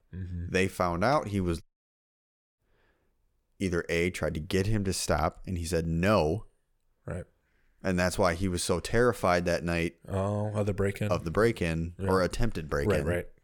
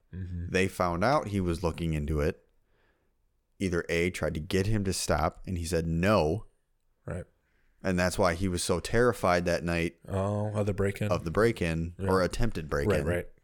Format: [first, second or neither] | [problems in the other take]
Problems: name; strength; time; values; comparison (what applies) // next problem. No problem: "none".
second | audio cutting out; at 1.5 s for 1 s